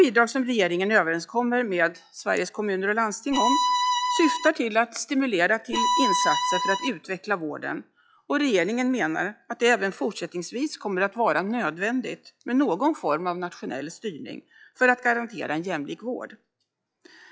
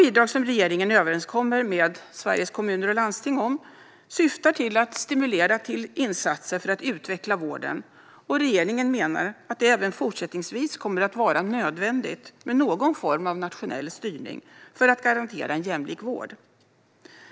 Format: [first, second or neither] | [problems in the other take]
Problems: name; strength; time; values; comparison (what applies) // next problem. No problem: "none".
second | noise reduction (classical method log-MMSE)